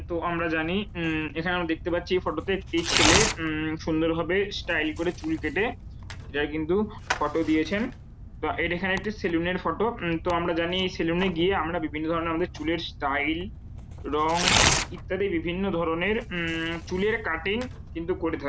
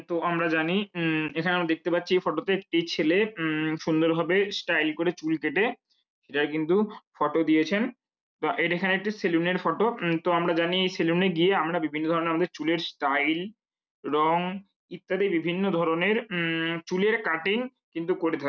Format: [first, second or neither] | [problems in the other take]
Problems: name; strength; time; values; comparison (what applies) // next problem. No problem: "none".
second | background sound (Tearing); 5 dB below the speech